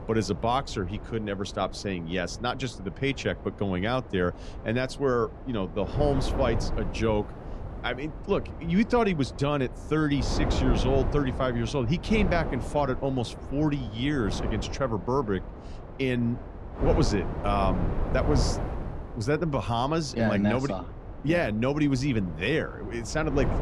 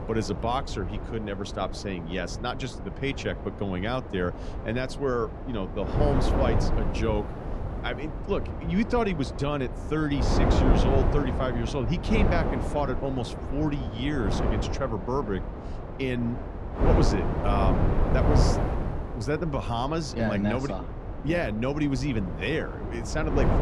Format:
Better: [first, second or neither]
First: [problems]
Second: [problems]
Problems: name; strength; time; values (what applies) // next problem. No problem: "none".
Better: first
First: wind noise on the microphone; occasional gusts; 10 dB below the speech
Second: wind noise on the microphone; heavy; 4 dB below the speech